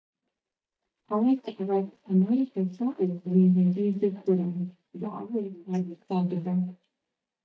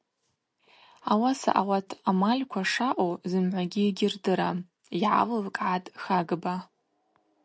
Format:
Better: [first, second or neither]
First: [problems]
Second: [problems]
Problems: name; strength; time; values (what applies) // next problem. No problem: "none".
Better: second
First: noise reduction (neural mask model DeepFilterNet 3)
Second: none